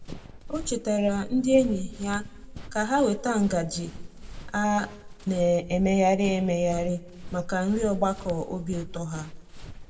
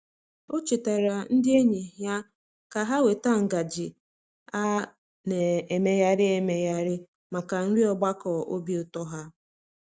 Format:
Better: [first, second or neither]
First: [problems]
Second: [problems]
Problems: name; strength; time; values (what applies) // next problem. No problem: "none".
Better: second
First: background sound (Run); 12 dB below the speech // room echo; dies away in 1.2 s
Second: none